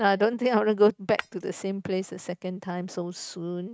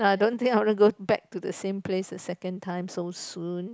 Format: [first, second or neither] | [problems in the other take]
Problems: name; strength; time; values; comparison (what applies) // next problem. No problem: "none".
second | noise reduction (neural mask model RNNoise)